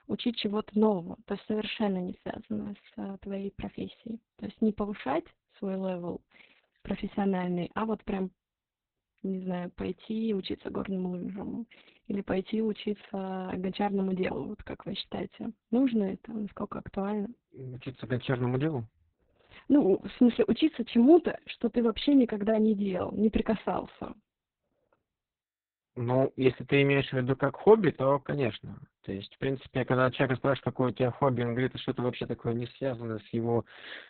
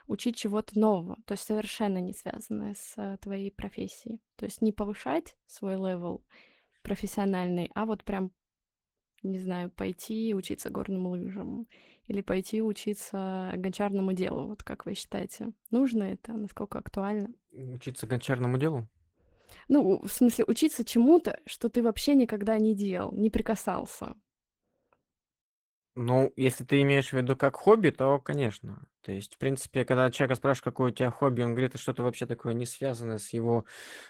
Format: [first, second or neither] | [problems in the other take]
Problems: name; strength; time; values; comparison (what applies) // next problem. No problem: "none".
second | garbled, watery; badly; nothing above 4 kHz; slightly in the second